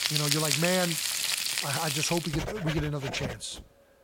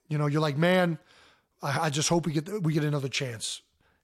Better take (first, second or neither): second